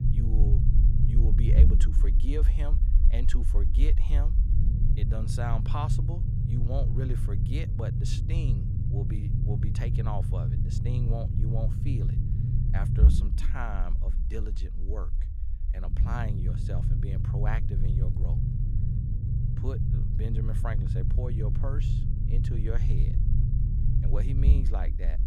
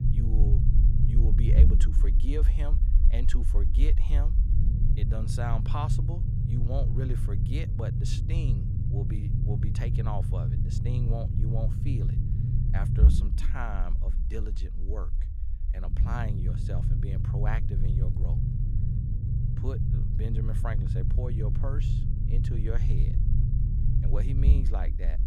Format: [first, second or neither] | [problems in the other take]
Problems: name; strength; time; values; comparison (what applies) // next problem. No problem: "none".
neither | low rumble; loud; throughout; as loud as the speech; the same in both